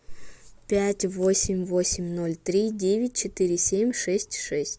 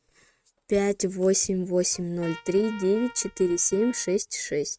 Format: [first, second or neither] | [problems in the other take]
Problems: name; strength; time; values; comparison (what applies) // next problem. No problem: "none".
first | noise reduction (neural mask model RNNoise)